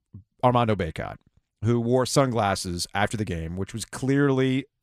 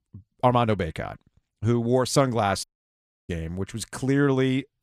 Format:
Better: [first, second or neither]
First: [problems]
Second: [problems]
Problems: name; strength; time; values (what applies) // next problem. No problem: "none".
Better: first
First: none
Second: audio cutting out; at 2.5 s for 0.5 s